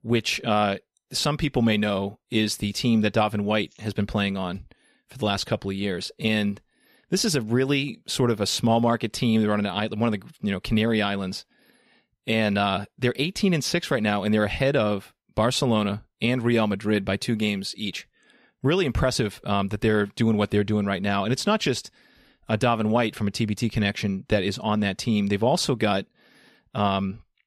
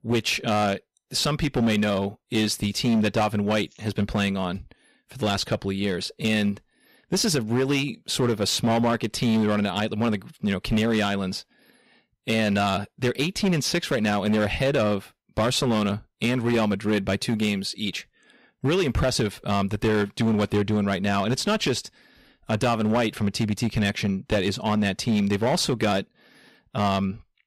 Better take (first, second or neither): first